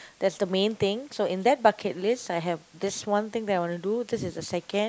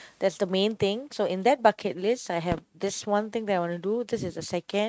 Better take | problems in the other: first | noise reduction (neural mask model RNNoise)

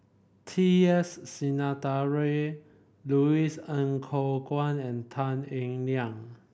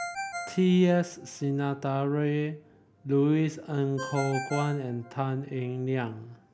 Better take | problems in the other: first | background sound (Ringtone); 14 dB below the speech

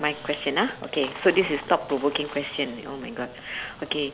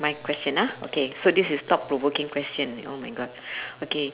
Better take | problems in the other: second | background sound (Squeak); 17 dB below the speech

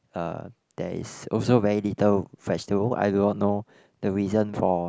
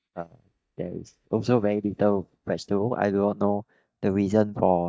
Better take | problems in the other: first | noise reduction (neural mask model DeepFilterNet 3)

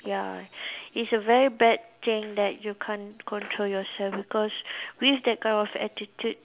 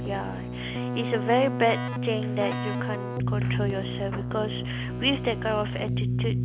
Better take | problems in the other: first | background sound (Keyboard (musical)); as loud as the speech

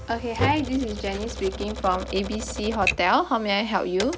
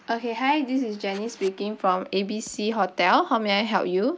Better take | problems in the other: second | background sound (Typewriter); 7 dB below the speech

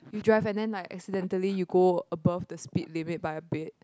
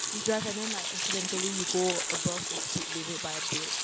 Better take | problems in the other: first | background sound (Sink (filling or washing) / Water tap, faucet); 2 dB above the speech

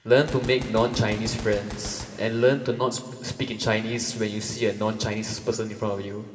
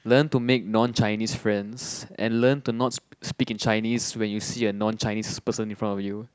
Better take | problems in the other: second | background sound (Gunshot, gunfire); 17 dB below the speech // room echo; dies away in 2.3 s

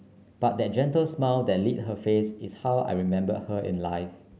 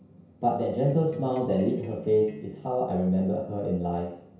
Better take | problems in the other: first | background sound (Electric guitar); 17 dB below the speech // room echo; dies away in 0.6 s

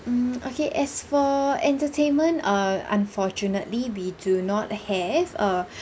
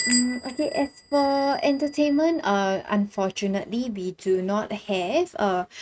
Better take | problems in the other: first | noise reduction (neural mask model RNNoise)

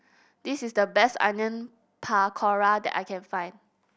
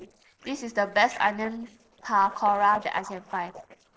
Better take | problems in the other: first | noise reduction (neural separator model SepFormer DNS4)

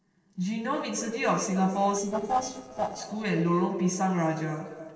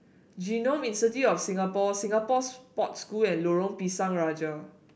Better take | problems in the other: second | noise reduction (neural separator model SepFormer DNS4)

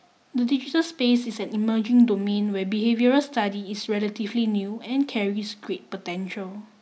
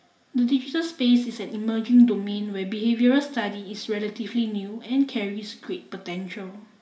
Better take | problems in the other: first | room echo; dies away in 1.7 s

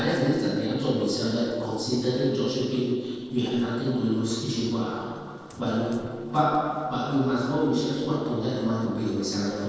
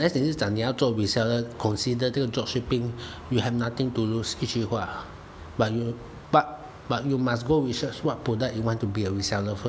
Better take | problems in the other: second | noise reduction (neural separator model SepFormer DNS4)

